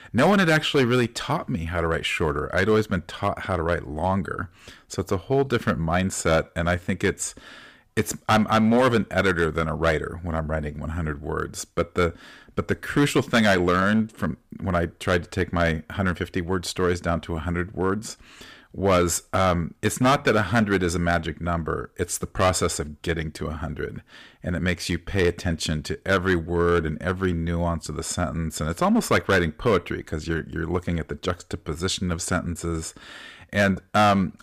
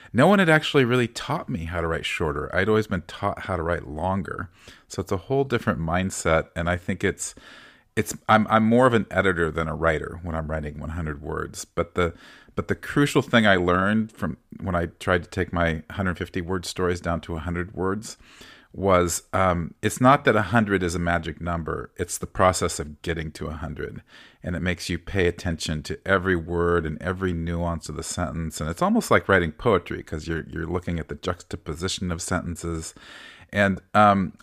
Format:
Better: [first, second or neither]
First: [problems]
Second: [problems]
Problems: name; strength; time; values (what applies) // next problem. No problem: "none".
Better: second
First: distortion; slight; 3% of the sound clipped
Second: none